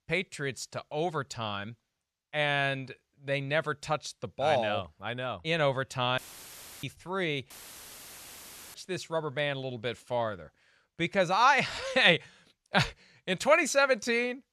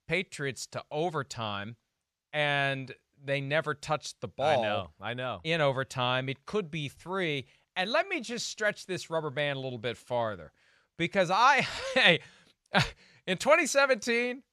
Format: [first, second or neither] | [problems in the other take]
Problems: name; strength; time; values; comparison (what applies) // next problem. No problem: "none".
second | audio cutting out; filled with static; at 6 s for 0.5 s and at 7.5 s for 1 s